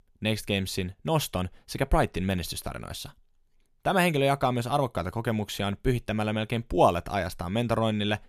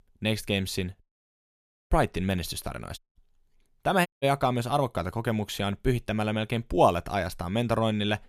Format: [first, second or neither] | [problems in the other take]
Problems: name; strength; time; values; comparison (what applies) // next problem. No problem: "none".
first | audio cutting out; at 1 s for 1 s, at 3 s and at 4 s